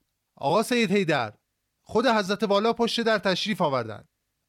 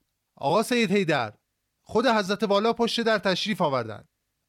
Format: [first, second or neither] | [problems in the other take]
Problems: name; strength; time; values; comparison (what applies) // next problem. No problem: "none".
neither | none